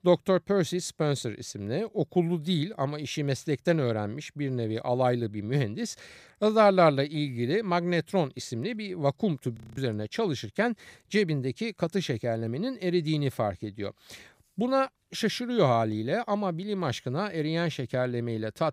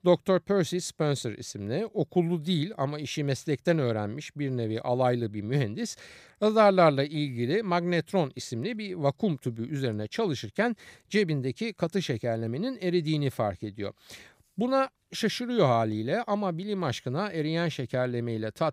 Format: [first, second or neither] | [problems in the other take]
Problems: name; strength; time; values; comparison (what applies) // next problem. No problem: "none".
second | audio freezing; at 9.5 s